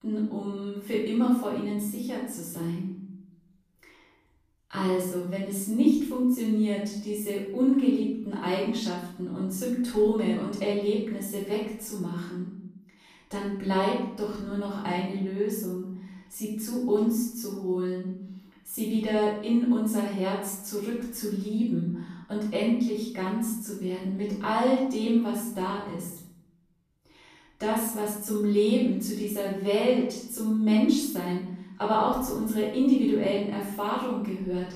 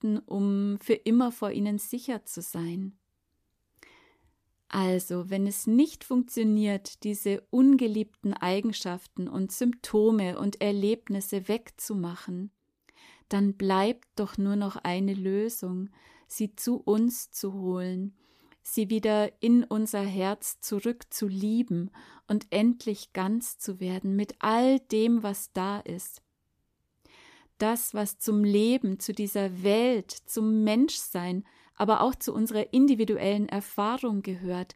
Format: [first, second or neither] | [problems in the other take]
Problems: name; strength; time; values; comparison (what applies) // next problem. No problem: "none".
second | off-mic speech; far // room echo; noticeable; dies away in 0.7 s